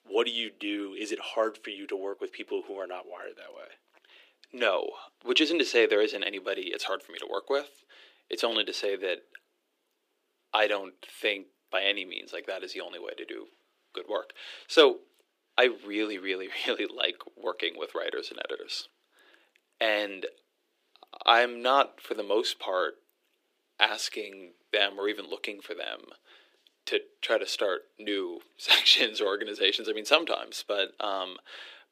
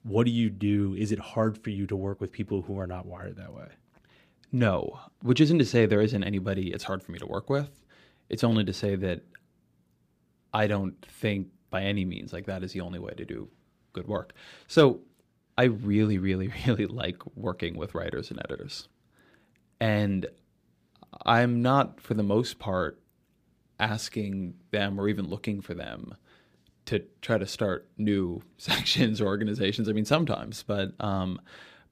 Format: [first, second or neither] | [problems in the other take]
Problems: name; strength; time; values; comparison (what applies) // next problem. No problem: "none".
second | thin; very; fading below 350 Hz